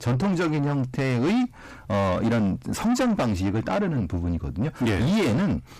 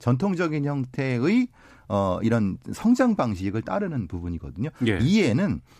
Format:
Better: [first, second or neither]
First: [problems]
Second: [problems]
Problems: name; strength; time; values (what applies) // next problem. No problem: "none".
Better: second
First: distortion; heavy; 7 dB below the speech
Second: none